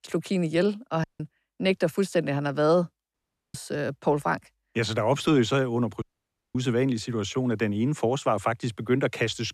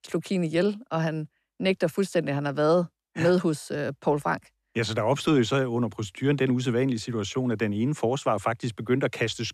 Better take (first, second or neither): second